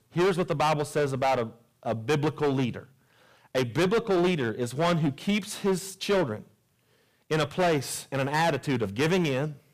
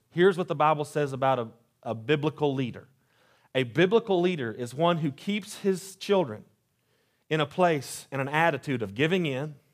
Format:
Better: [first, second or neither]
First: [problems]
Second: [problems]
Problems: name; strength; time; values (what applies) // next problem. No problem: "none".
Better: second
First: distortion; heavy; 12% of the sound clipped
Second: none